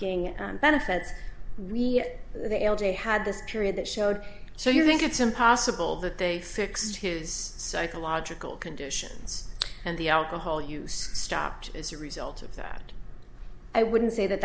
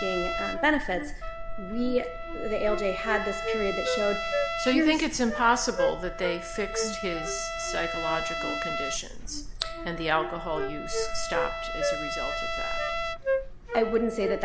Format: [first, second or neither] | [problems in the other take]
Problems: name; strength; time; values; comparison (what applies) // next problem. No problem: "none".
first | background sound (Wind instrument, woodwind instrument + Trumpet); 3 dB below the speech